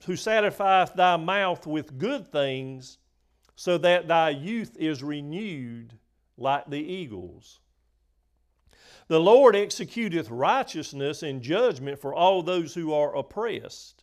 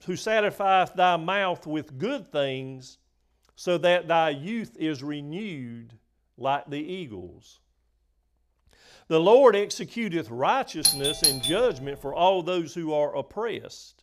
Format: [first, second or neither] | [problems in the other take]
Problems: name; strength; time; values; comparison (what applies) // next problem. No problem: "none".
first | doorbell; loud; at 11 s; peak 4 dB above the speech